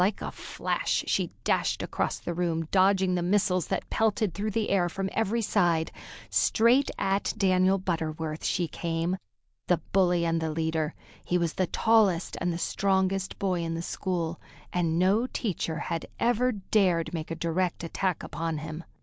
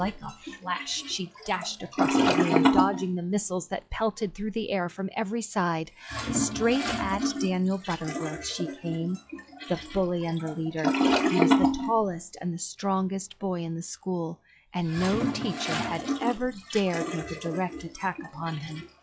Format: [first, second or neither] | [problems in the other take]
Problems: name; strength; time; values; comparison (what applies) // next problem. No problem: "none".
first | noise reduction (classical method log-MMSE)